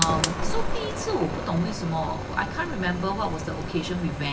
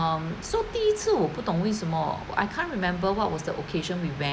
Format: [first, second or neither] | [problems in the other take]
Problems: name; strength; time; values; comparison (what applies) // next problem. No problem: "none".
second | background sound (Fire); 1 dB below the speech // room echo; dies away in 0.2 s